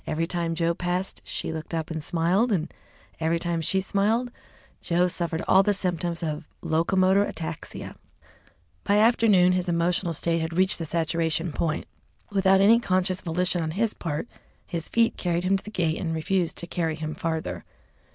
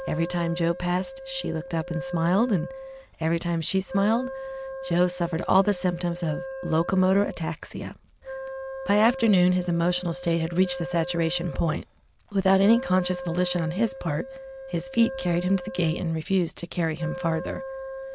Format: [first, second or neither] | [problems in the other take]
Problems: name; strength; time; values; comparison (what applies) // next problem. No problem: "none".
first | background sound (Wind instrument, woodwind instrument); 11 dB below the speech